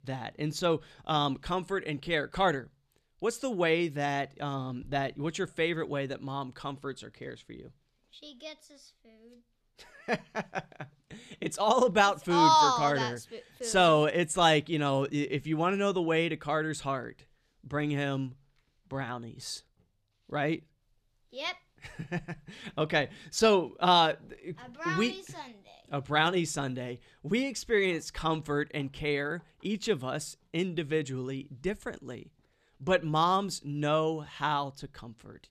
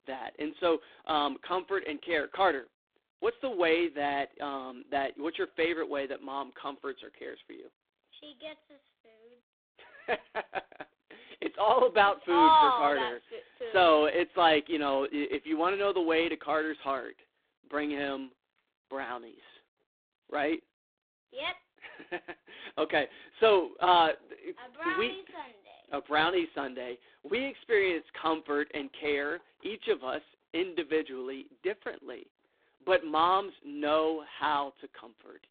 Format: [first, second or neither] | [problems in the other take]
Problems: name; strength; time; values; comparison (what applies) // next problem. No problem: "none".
first | phone-call audio; poor line; nothing above 3.5 kHz